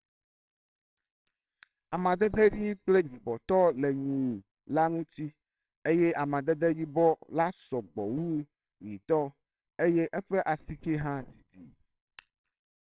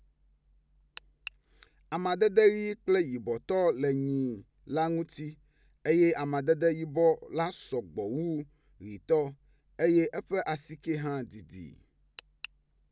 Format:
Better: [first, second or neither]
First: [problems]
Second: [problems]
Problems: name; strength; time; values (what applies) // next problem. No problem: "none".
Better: second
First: noise reduction (neural separator model SepFormer WHAMR!)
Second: none